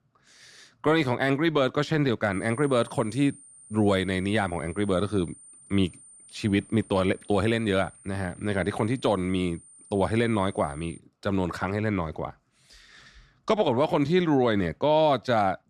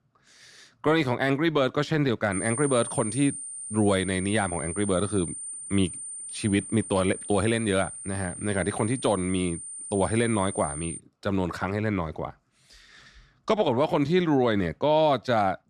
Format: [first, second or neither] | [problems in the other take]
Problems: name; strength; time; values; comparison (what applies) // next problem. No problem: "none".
first | high-pitched whine; loud; from 2.5 to 11 s; 9 kHz, 9 dB below the speech; faint in the first